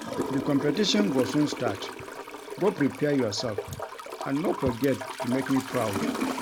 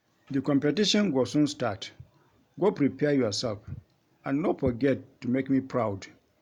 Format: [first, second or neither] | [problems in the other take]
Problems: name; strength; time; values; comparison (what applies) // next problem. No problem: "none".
second | background sound (Toilet flush / Gurgling); 6 dB below the speech